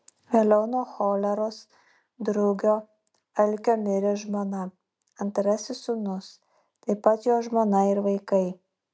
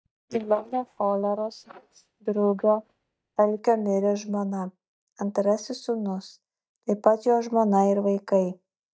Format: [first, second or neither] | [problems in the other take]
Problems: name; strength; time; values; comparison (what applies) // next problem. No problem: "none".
first | noise reduction (neural mask model DeepFilterNet 3)